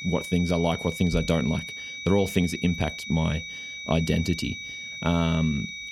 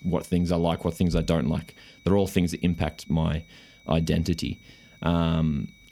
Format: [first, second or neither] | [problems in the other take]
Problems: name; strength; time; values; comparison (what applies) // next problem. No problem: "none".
second | high-pitched whine; loud; throughout; 2.5 kHz, 8 dB below the speech; faint in the second